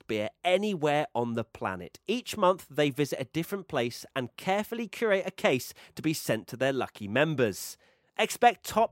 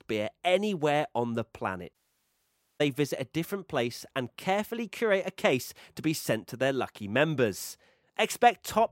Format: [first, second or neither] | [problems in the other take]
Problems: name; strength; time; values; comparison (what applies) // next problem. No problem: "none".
first | audio cutting out; at 2 s for 1 s